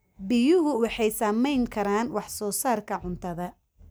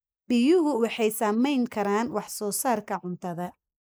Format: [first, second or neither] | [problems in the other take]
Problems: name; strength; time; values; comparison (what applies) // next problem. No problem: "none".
first | noise reduction (neural mask model Resemble Enhance denoiser)